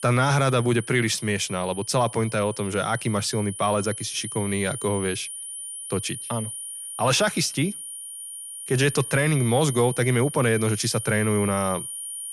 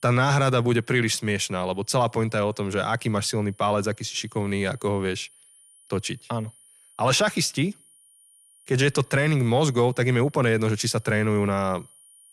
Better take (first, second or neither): second